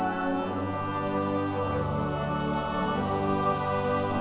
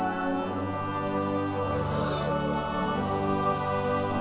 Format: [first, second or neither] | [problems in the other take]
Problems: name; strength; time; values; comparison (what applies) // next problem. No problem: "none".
first | background sound (Breathing); 13 dB below the speech